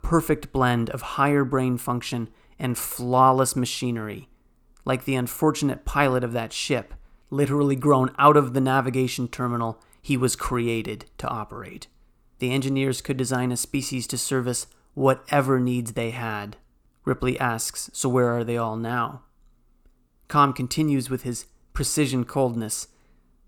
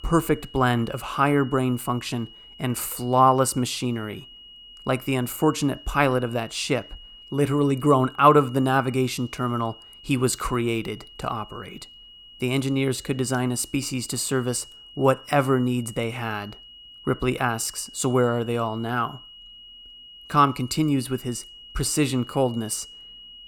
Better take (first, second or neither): first